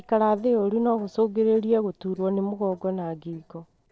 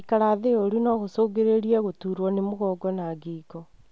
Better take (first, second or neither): second